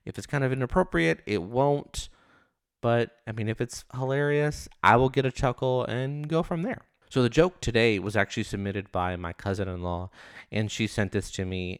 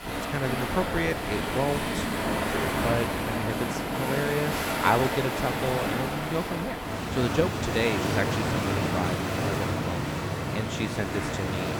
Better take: first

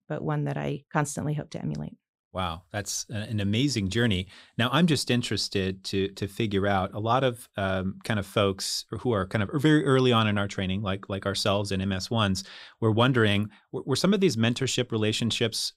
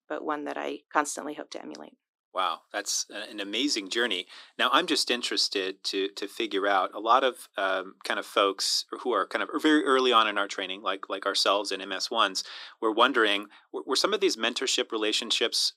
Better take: first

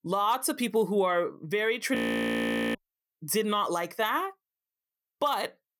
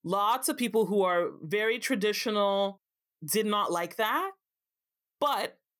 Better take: second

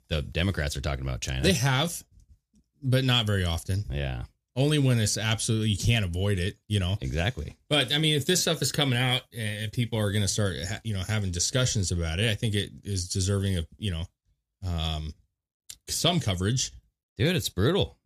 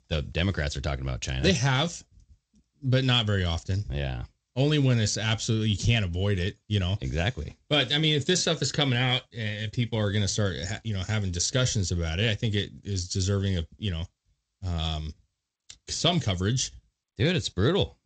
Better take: first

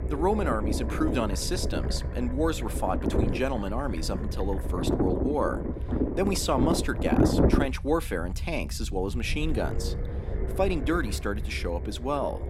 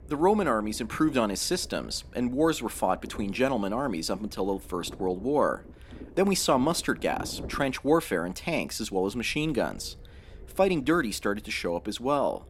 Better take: second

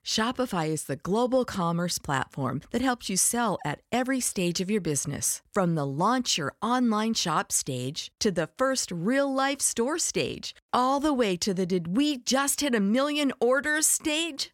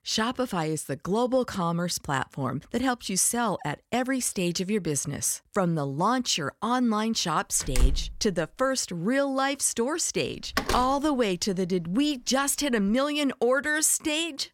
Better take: first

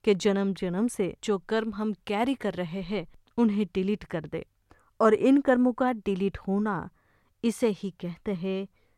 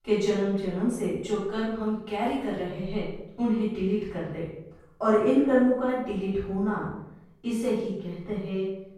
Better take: first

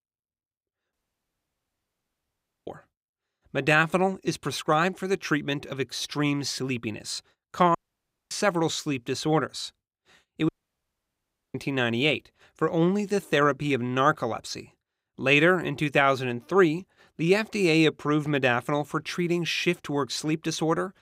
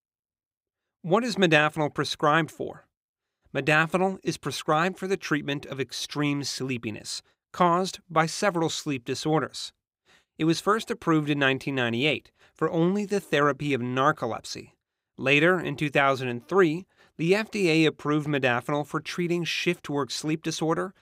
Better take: second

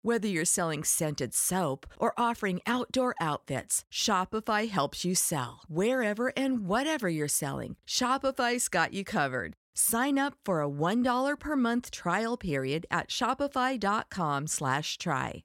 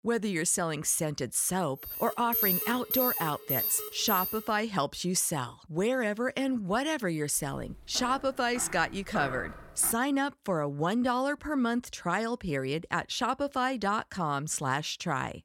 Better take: first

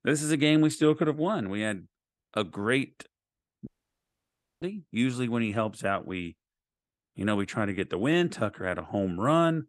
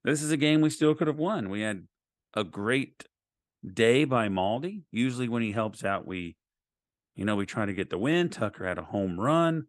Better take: second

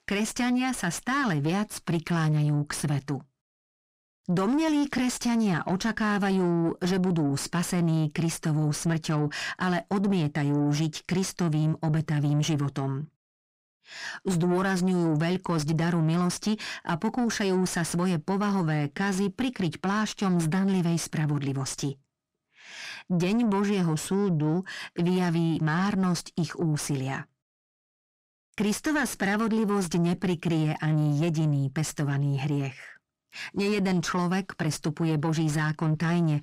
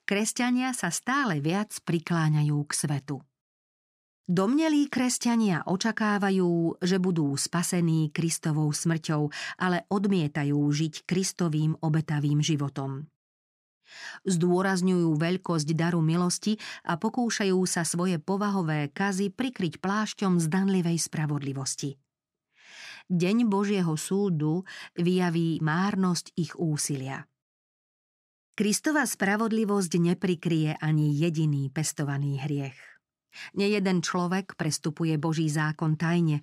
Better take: second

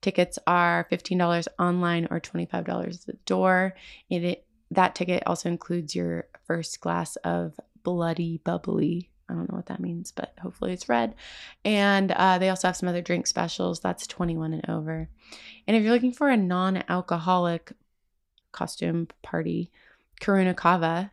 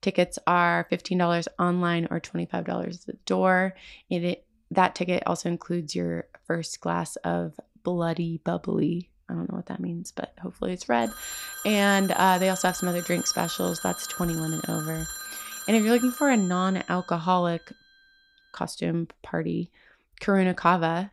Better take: first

